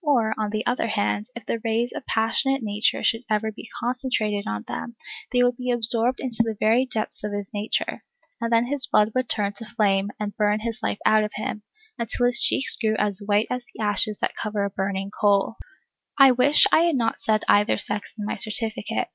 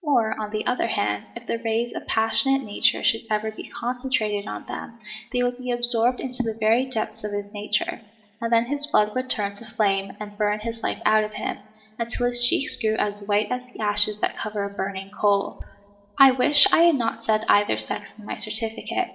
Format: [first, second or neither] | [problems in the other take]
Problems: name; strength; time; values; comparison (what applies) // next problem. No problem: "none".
first | room echo; dies away in 1.3 s